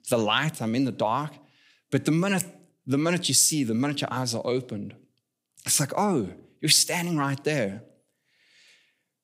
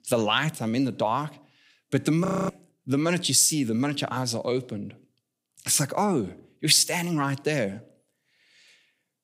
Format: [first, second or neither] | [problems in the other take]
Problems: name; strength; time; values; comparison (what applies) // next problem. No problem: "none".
first | audio freezing; at 2.5 s